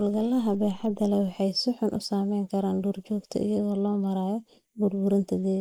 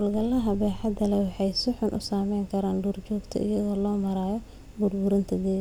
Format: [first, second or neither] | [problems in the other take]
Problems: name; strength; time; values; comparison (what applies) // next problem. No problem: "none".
second | noise reduction (neural mask model Resemble Enhance denoiser)